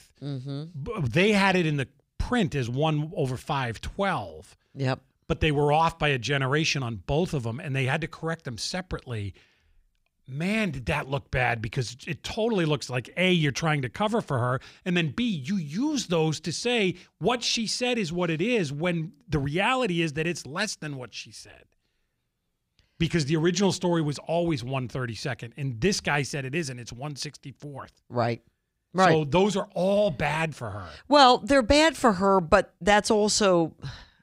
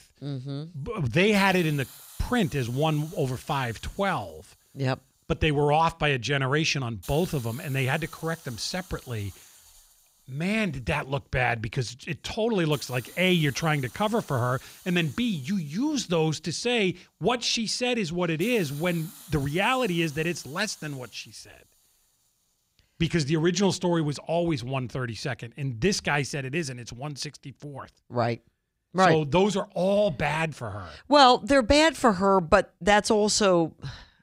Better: first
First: none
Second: hiss; faint; until 23 s; 20 dB below the speech

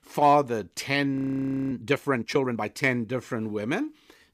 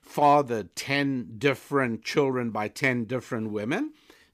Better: second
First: audio freezing; at 1 s for 0.5 s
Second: none

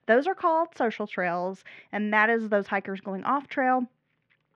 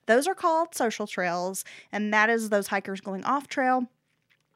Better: second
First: muffled; very; fading above 3 kHz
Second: none

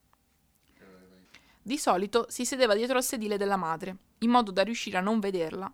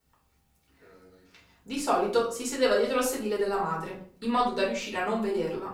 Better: first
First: none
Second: off-mic speech; far // room echo; slight; dies away in 0.4 s

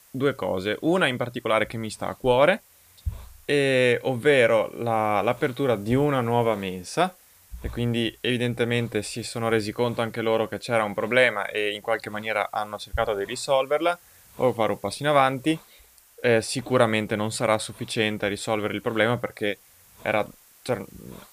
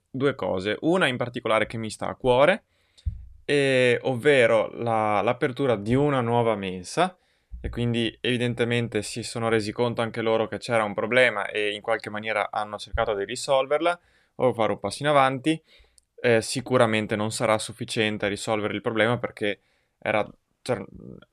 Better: second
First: hiss; faint; throughout; 25 dB below the speech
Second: none

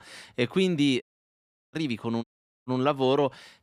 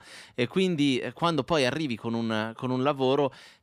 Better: second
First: audio cutting out; at 1 s for 0.5 s and at 2 s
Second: none

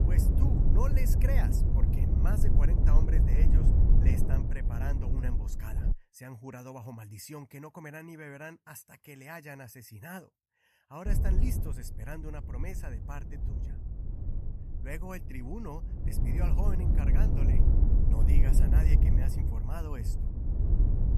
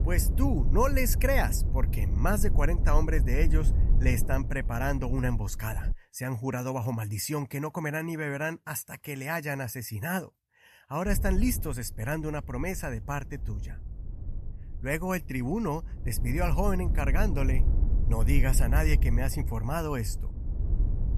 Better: second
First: wind noise on the microphone; heavy; until 6 s and from 11 s on; 1 dB above the speech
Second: wind noise on the microphone; occasional gusts; until 6 s and from 11 s on; 15 dB below the speech

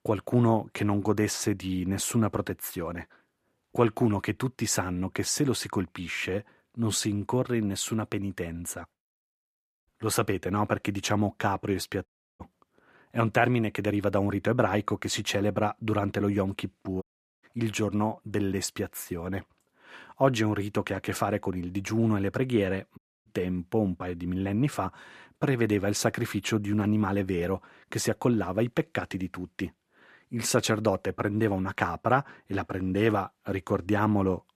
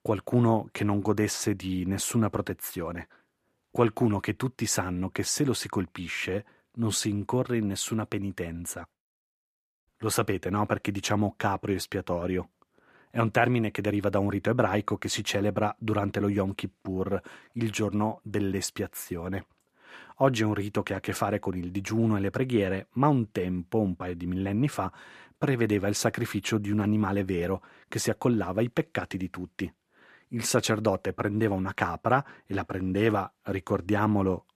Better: second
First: audio cutting out; at 12 s, at 17 s and at 23 s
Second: none

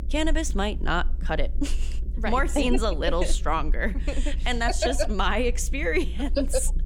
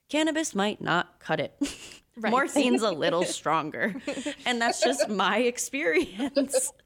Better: second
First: low rumble; faint; throughout; 25 dB below the speech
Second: none

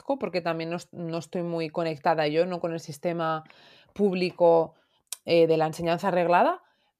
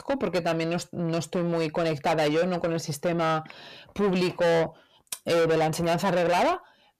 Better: first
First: none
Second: distortion; heavy; 6 dB below the speech

